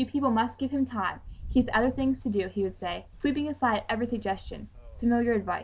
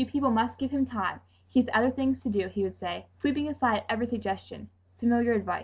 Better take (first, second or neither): second